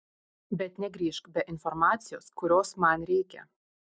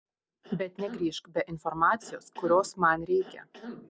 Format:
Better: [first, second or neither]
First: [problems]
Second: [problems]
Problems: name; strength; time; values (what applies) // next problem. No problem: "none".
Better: first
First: none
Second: background sound (Cough); 17 dB below the speech